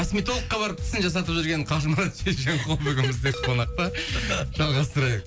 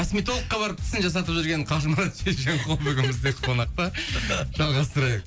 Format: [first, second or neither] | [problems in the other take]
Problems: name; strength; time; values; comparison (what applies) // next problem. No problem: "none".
second | background sound (Chime); 19 dB below the speech